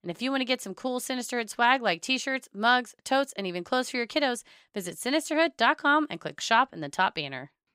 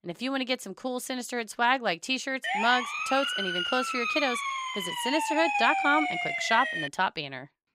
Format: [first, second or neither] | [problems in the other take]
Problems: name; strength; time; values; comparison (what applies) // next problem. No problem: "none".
first | siren; loud; from 2.5 to 7 s; peak 2 dB above the speech